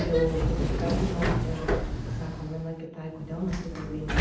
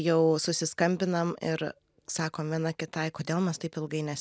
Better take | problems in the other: second | background sound (Sliding door); 4 dB above the speech // room echo; dies away in 0.8 s

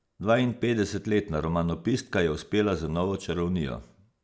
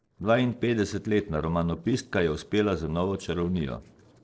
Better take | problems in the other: first | noise reduction (neural separator model SepFormer DNS4)

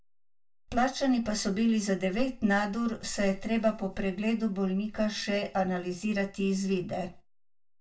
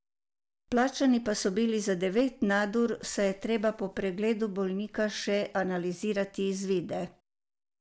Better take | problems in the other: second | room echo; dies away in 0.1 s

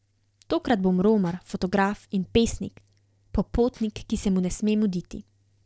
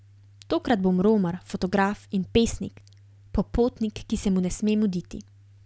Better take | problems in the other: second | noise reduction (neural separator model SepFormer DNS4)

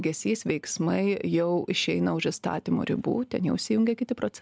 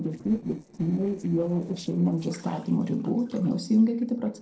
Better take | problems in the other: first | noise reduction (neural separator model SepFormer DNS4)

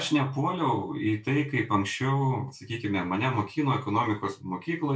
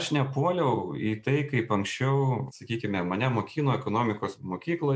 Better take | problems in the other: second | room echo; dies away in 0.2 s

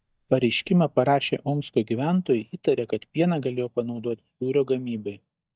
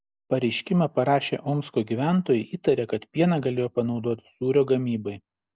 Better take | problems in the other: second | noise reduction (neural mask model DeepFilterNet 3)

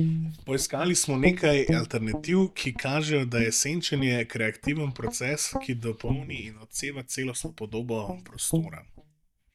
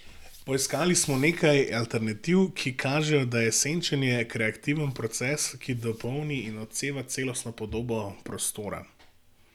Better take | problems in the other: second | noise reduction (neural mask model DeepFilterNet 3)

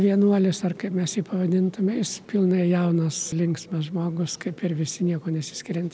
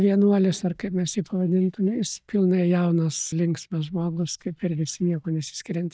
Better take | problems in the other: first | noise reduction (neural mask model DeepFilterNet 3)

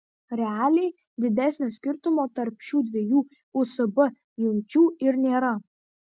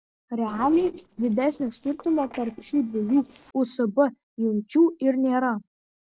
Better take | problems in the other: first | noise reduction (neural separator model SepFormer DNS4)

